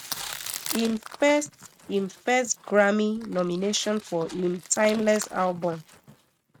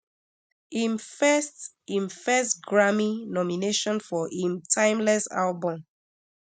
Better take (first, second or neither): second